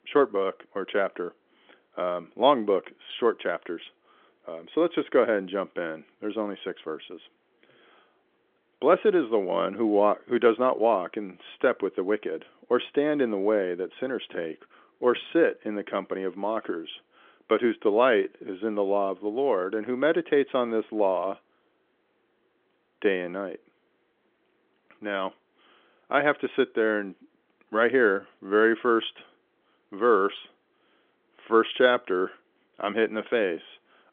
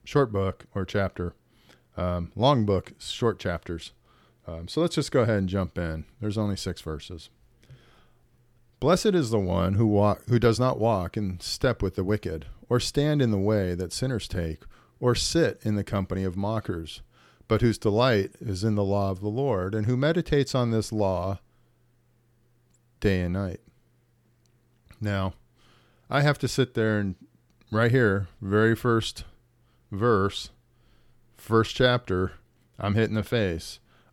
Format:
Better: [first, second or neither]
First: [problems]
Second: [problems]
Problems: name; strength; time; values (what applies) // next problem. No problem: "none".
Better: second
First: phone-call audio; nothing above 3.5 kHz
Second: none